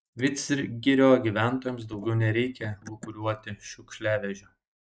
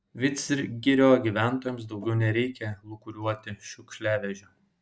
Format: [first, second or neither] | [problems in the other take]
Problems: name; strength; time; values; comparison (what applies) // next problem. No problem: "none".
second | noise reduction (neural mask model Resemble Enhance denoiser)